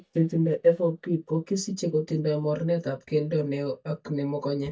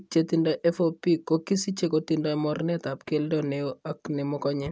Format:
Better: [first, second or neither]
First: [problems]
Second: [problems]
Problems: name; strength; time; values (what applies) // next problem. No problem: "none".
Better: second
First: noise reduction (neural mask model DeepFilterNet 3)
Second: none